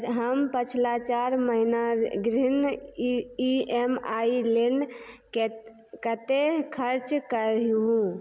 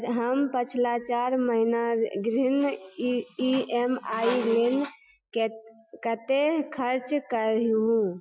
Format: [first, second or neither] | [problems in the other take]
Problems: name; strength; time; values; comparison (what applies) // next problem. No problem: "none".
first | noise reduction (classical method Wiener filter)